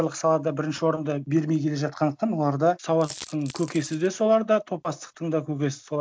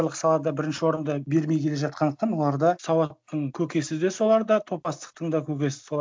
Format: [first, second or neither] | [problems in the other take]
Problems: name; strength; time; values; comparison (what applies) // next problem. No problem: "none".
second | background sound (Coin (dropping)); 17 dB below the speech